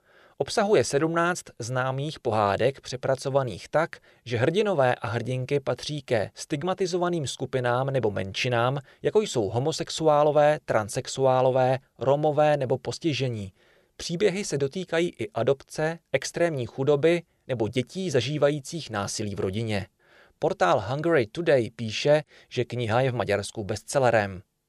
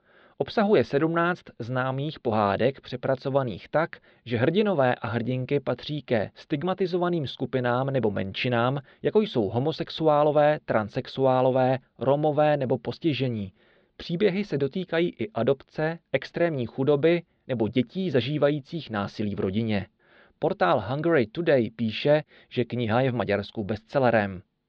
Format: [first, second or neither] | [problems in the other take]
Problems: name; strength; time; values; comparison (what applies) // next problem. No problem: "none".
first | muffled; slightly; fading above 4 kHz